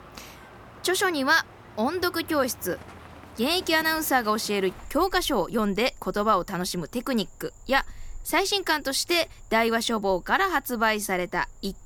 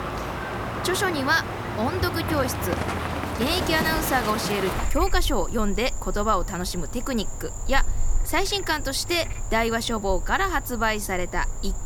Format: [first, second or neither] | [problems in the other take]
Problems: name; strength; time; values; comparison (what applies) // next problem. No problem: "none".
first | animal sounds; loud; throughout; 5 dB below the speech; faint in the first